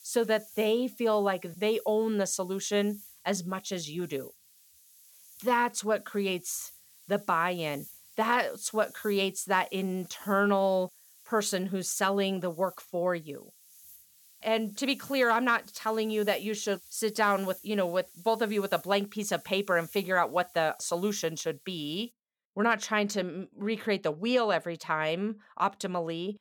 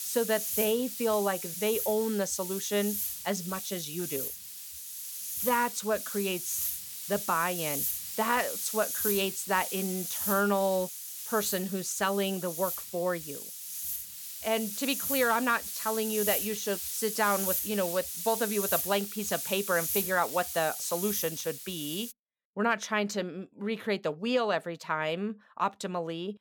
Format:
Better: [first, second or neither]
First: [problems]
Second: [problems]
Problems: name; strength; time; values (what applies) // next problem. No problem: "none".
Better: first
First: hiss; faint; until 22 s; 20 dB below the speech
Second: hiss; loud; until 22 s; 3 dB below the speech